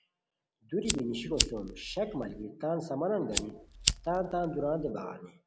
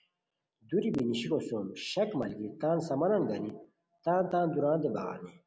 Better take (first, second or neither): second